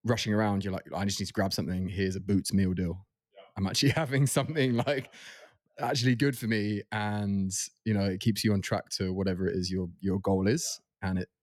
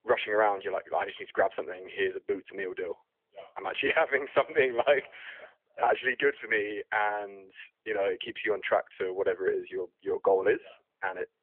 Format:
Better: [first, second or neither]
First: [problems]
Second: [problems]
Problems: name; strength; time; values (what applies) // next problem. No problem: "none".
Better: first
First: none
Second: phone-call audio; nothing above 3.5 kHz